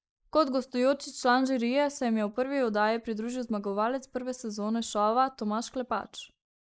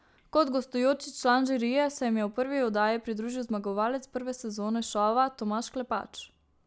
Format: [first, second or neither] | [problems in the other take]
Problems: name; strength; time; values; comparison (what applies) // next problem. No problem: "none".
second | noise reduction (neural mask model Resemble Enhance denoiser)